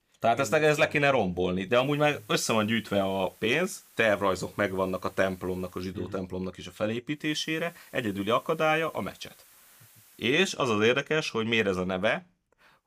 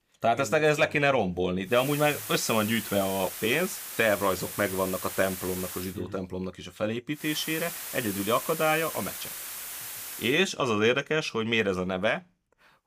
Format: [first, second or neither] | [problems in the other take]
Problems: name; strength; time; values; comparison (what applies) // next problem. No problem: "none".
first | hiss; loud; from 2 to 6 s and from 7 to 10 s; 8 dB below the speech; faint in the first